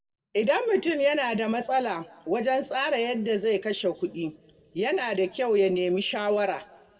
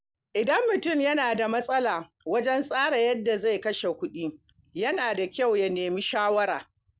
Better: second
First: room echo; dies away in 1.7 s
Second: none

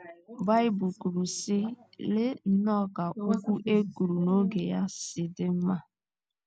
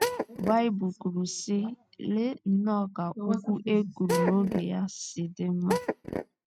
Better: first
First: none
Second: noise reduction (neural mask model RNNoise)

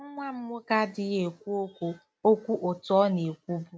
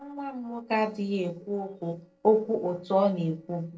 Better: first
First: none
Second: noise reduction (neural separator model SepFormer DNS4)

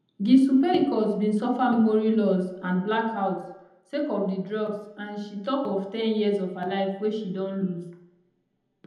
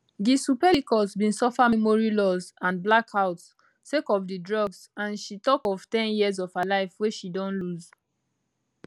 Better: second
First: room echo; dies away in 0.8 s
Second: none

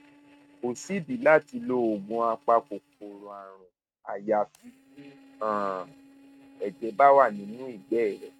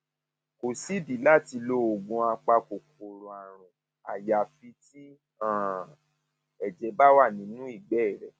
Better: second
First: noise reduction (neural mask model RNNoise)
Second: none

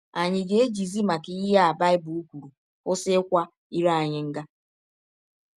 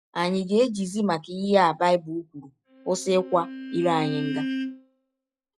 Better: first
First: none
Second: noise reduction (classical method log-MMSE)

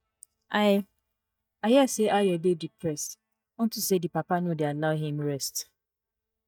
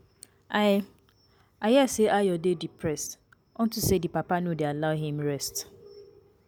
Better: second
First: noise reduction (neural mask model DeepFilterNet 3)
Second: none

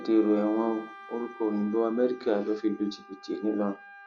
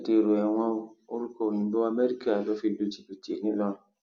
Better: second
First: background sound (Wind instrument, woodwind instrument); 19 dB below the speech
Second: none

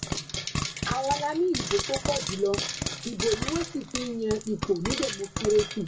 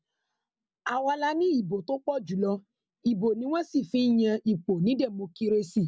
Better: second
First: background sound (Frying (food)); 4 dB below the speech // room echo; dies away in 0.2 s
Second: none

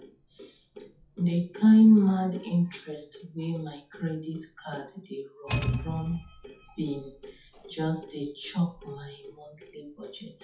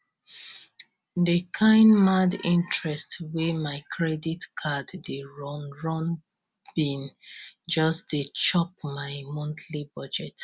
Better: second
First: noise reduction (classical method WPE with log-MMSE)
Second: none

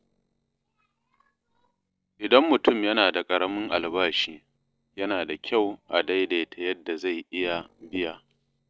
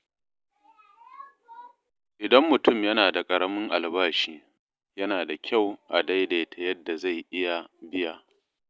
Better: second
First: noise reduction (neural separator model SepFormer DNS4)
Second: none

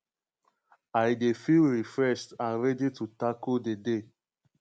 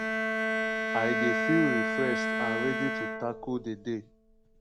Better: first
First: none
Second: background sound (Bowed string instrument); 2 dB above the speech

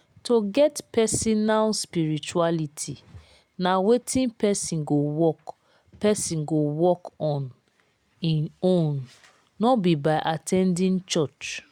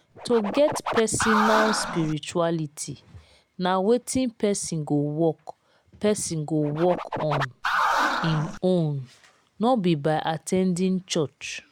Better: first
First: none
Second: background sound (Scratching (performance technique)); 2 dB below the speech

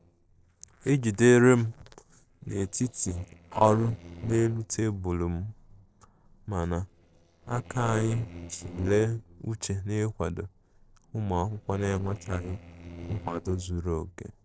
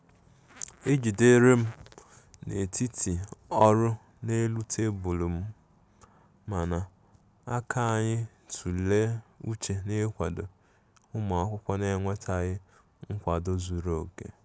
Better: second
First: noise reduction (neural separator model SepFormer DNS4)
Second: none

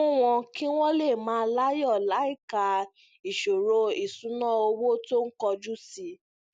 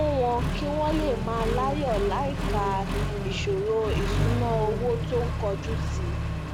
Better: first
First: none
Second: background sound (Accelerating, revving, vroom); 1 dB above the speech

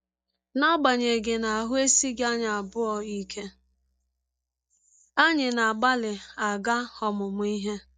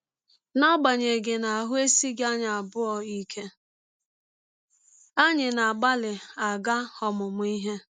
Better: second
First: noise reduction (neural mask model DeepFilterNet 3)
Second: none

